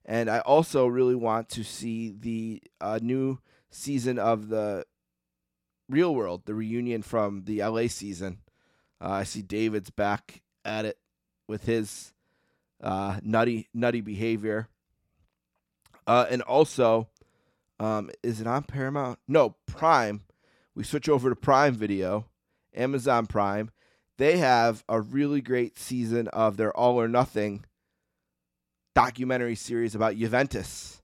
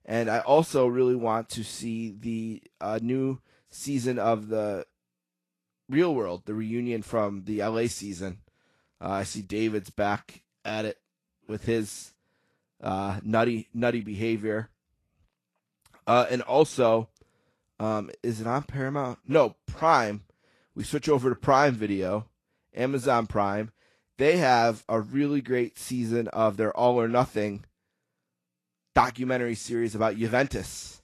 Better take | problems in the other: first | garbled, watery; slightly; nothing above 11.5 kHz

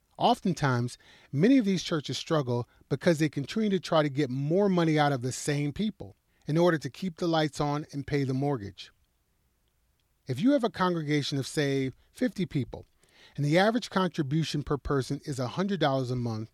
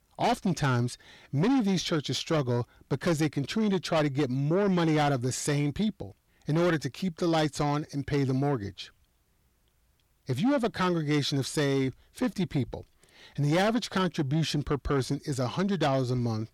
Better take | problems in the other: first | distortion; slight; 10 dB below the speech

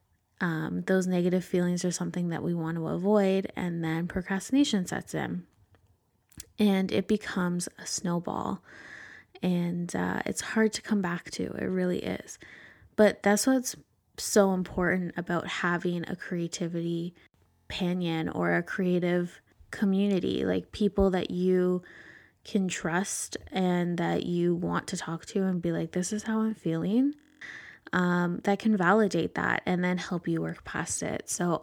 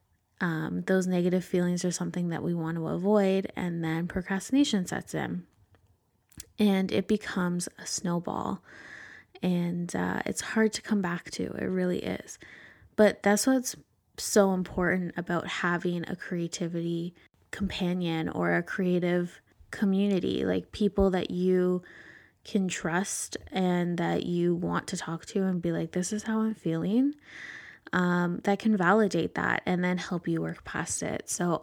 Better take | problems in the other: second | audio freezing; at 17 s and at 27 s

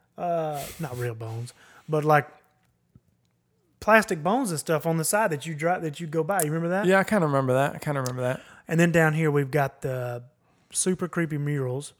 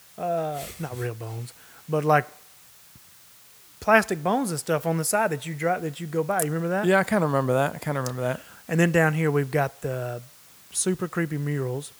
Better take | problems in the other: first | hiss; faint; throughout; 25 dB below the speech

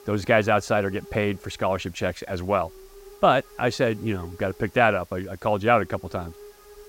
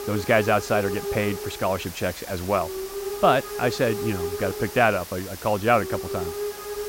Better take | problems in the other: first | hiss; loud; throughout; 8 dB below the speech; faint in the first

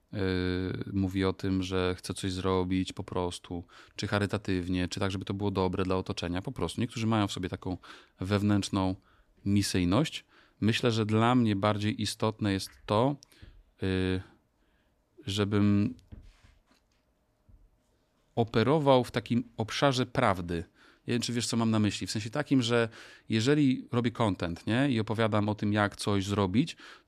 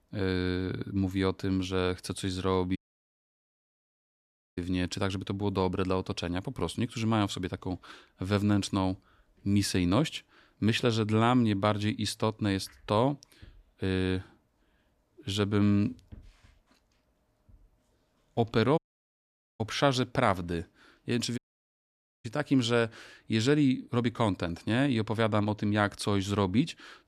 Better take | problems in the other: first | audio cutting out; at 3 s for 2 s, at 19 s for 1 s and at 21 s for 1 s

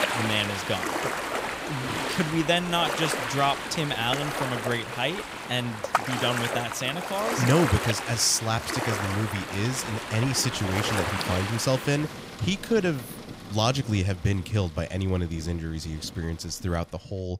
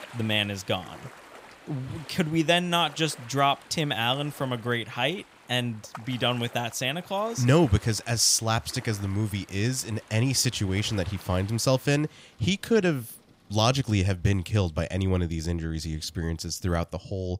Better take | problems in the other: second | rain or running water; loud; throughout; 3 dB below the speech; faint in the second

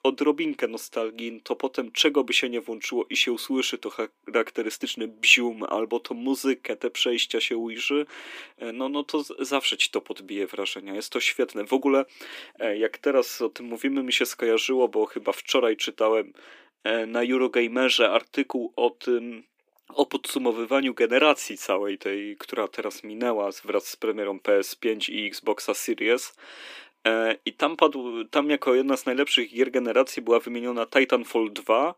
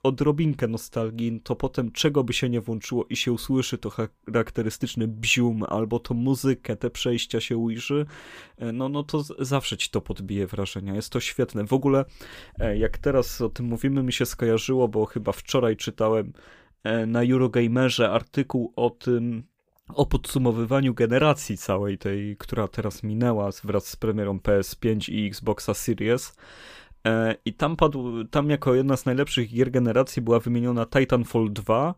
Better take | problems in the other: second | thin; very slightly; fading below 300 Hz

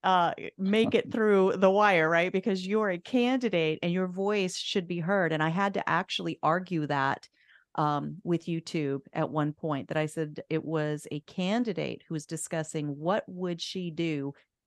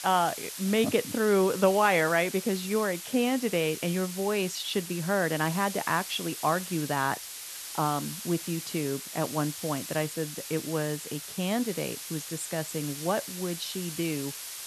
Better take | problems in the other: first | hiss; loud; throughout; 8 dB below the speech

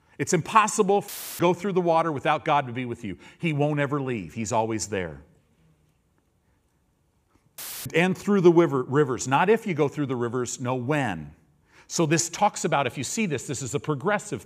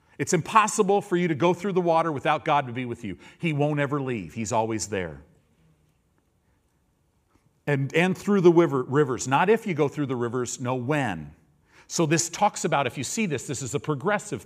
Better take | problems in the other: second | audio cutting out; filled with static; at 1 s and at 7.5 s

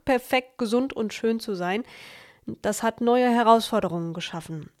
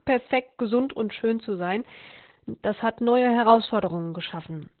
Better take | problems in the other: first | garbled, watery; badly; nothing above 4 kHz

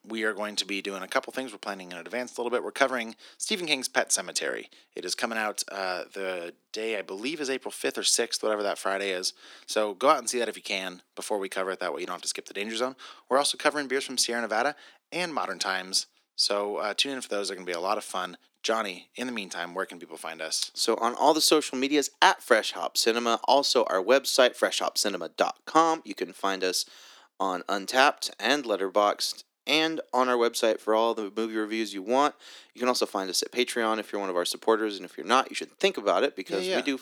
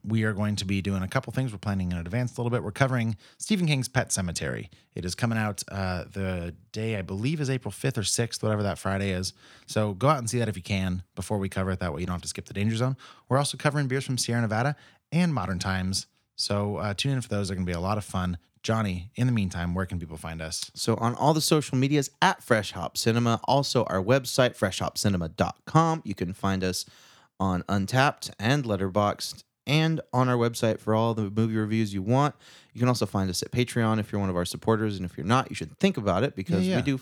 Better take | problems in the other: second | thin; somewhat; fading below 300 Hz

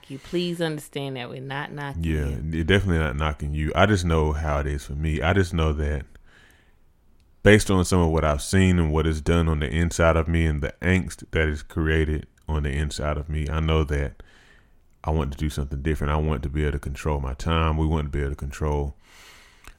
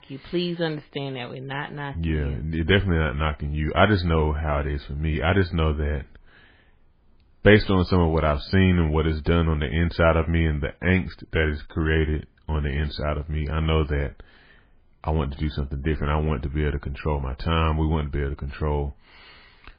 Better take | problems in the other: first | garbled, watery; badly; nothing above 4.5 kHz

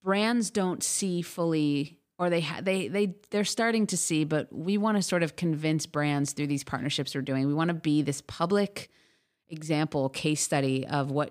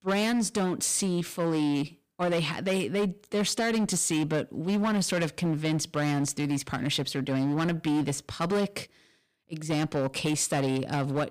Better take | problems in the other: first | distortion; slight; 15% of the sound clipped

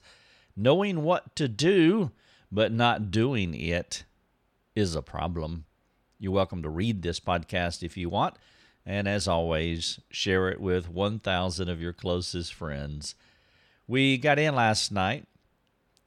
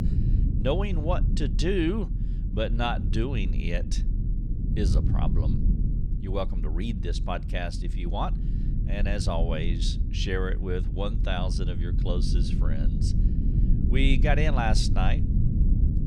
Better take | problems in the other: first | low rumble; loud; throughout; 9 dB below the speech

